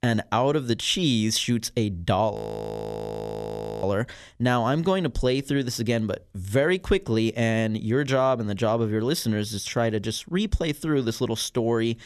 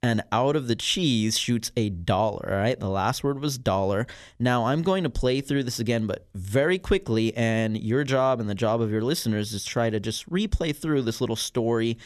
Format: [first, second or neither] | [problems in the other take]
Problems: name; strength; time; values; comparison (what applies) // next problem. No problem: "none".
second | audio freezing; at 2.5 s for 1.5 s